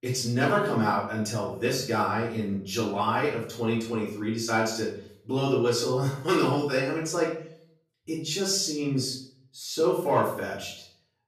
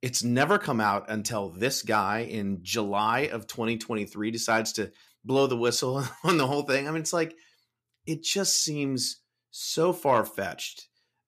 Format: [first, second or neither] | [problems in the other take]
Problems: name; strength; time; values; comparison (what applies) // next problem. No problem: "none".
second | off-mic speech; far // room echo; noticeable; dies away in 0.5 s